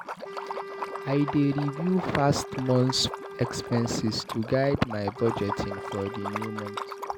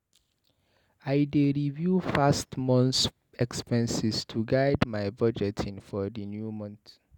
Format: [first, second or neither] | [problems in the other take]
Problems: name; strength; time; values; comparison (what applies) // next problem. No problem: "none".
second | background sound (Liquid + Wind instrument, woodwind instrument); 8 dB below the speech